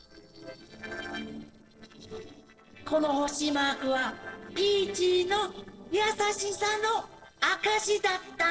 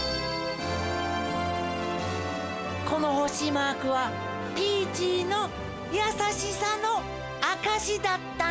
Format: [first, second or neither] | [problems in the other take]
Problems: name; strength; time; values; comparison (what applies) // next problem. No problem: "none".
second | noise reduction (neural separator model SepFormer DNS4)